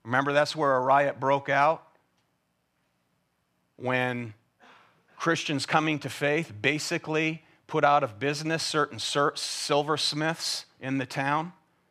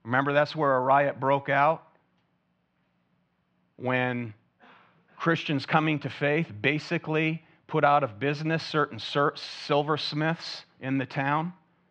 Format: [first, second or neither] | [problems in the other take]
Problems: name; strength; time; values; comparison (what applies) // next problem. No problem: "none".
first | muffled; very slightly; fading above 3.5 kHz